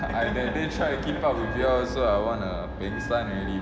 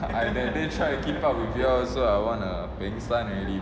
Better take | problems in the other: second | background sound (Bell); 14 dB below the speech

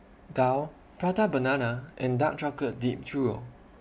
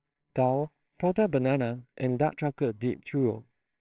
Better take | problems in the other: first | noise reduction (neural separator model SepFormer WHAMR!)

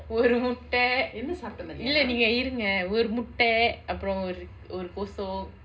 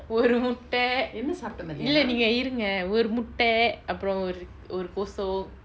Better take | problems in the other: second | room echo; dies away in 0.2 s

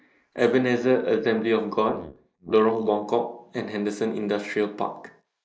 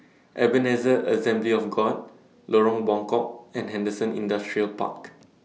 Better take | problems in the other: second | noise reduction (neural mask model Resemble Enhance denoiser)

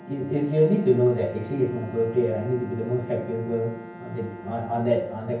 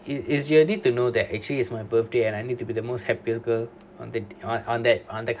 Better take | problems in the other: second | background sound (Bowed string instrument); 18 dB below the speech // room echo; dies away in 0.9 s

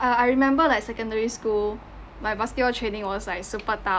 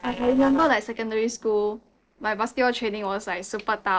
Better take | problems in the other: first | noise reduction (neural separator model SepFormer DNS4)

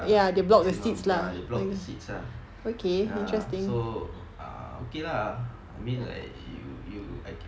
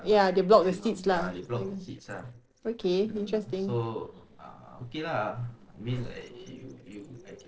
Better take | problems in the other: first | noise reduction (neural separator model SepFormer DNS4)

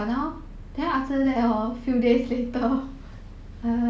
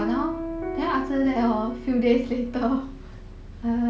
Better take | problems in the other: first | background sound (Piano); 10 dB below the speech

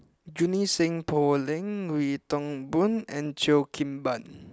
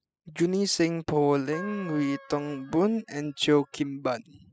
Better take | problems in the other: first | noise reduction (classical method spectral subtraction)

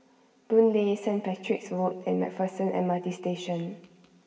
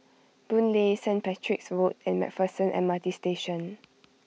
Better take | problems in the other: second | room echo; dies away in 1.6 s

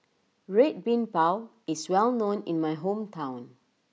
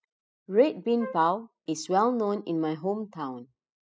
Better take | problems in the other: first | noise reduction (classical method spectral subtraction)

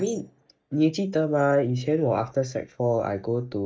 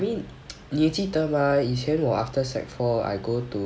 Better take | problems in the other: second | noise reduction (neural mask model DeepFilterNet 3)

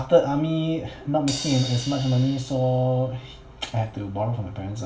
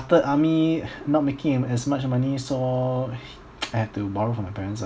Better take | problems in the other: second | background sound (Crash cymbal); 14 dB below the speech // room echo; dies away in 0.3 s

